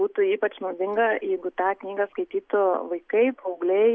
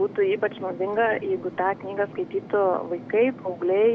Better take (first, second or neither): first